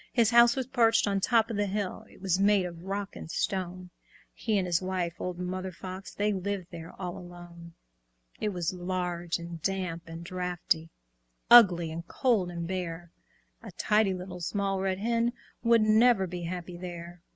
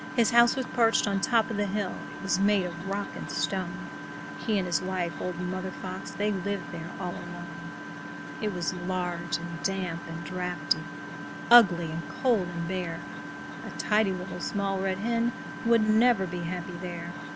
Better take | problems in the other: first | background sound (Engine); 9 dB below the speech

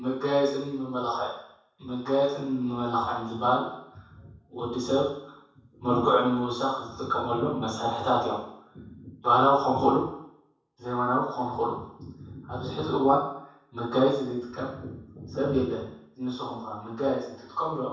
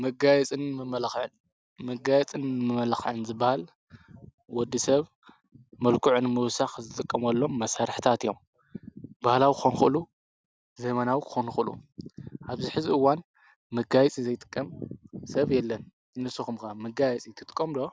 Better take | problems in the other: second | room echo; dies away in 0.7 s

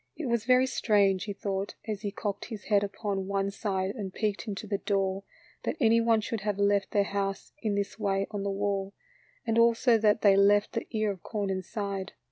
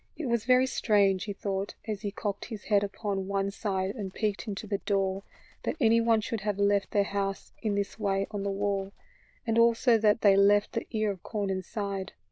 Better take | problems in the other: first | noise reduction (neural diffusion model UNIVERSE++)

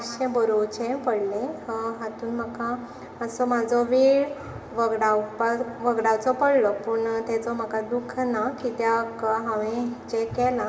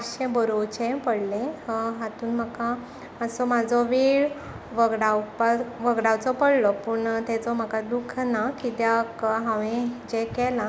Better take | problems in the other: second | room echo; dies away in 2.4 s

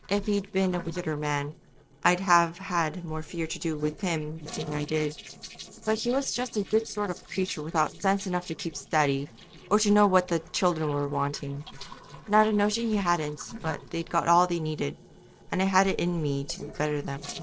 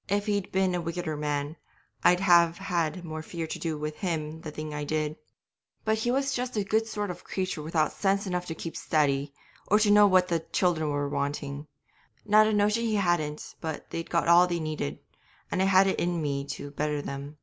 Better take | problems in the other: second | noise reduction (neural separator model SepFormer DNS4)

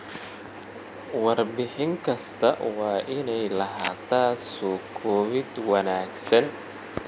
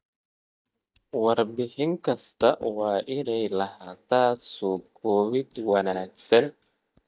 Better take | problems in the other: first | noise reduction (neural mask model DeepFilterNet 3)

